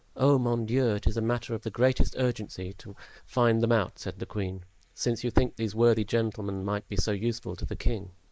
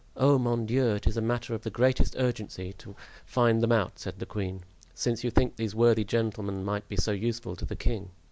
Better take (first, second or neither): second